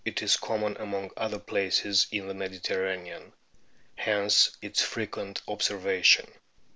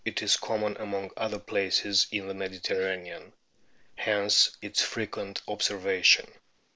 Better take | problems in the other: first | noise reduction (neural mask model Resemble Enhance denoiser)

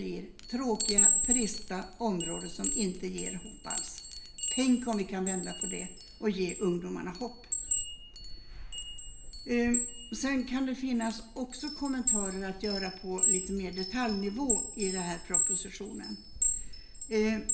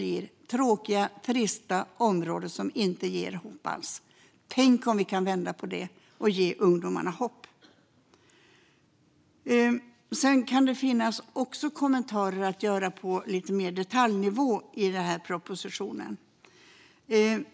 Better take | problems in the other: second | background sound (Chime); 2 dB above the speech // room echo; dies away in 0.6 s

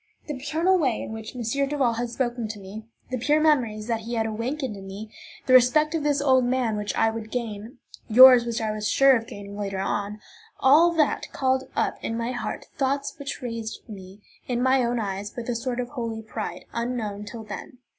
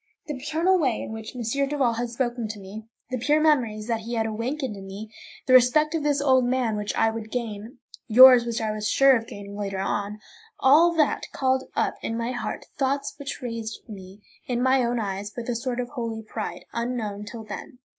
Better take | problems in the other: first | noise reduction (neural mask model Resemble Enhance denoiser)

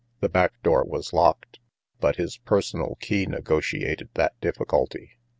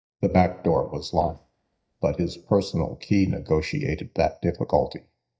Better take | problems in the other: first | noise reduction (neural mask model DeepFilterNet 3)

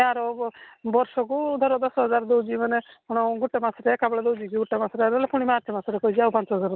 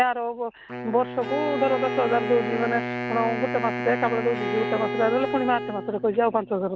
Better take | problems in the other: first | background sound (Bowed string instrument + Wind instrument, woodwind instrument); 5 dB below the speech

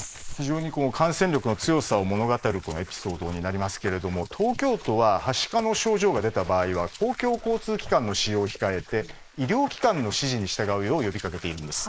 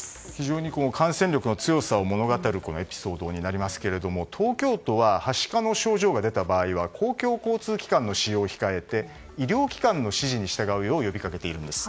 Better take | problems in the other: second | noise reduction (neural mask model Resemble Enhance denoiser)

